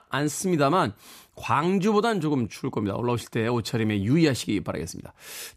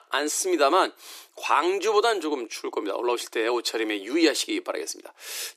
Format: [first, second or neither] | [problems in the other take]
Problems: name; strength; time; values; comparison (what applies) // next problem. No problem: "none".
first | thin; very; fading below 350 Hz